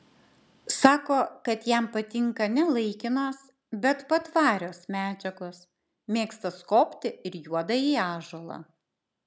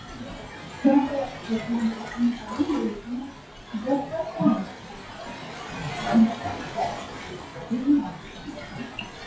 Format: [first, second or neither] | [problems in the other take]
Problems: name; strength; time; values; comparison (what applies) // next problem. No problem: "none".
first | noise reduction (classical method WPE with log-MMSE)